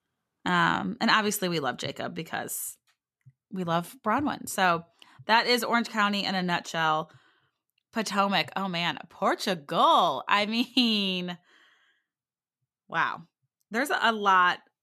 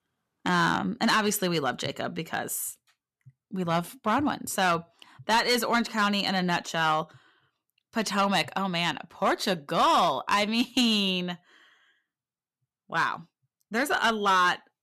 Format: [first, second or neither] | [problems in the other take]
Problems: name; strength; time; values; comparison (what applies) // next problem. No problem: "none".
first | distortion; slight; 4% of the sound clipped